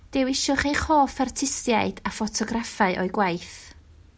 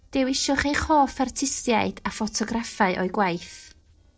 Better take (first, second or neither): first